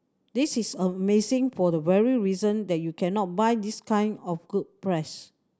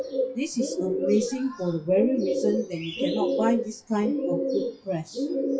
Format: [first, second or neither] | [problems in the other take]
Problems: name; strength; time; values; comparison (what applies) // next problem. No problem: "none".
first | noise reduction (classical method WPE with log-MMSE)